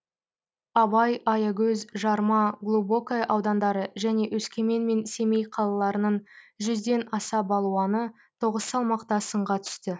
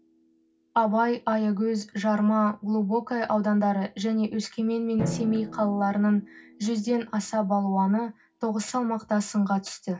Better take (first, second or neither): first